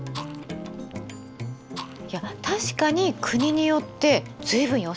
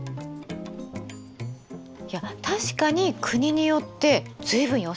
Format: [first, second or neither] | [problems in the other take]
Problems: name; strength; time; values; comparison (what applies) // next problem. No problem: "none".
second | background sound (Organ + Fire); 18 dB below the speech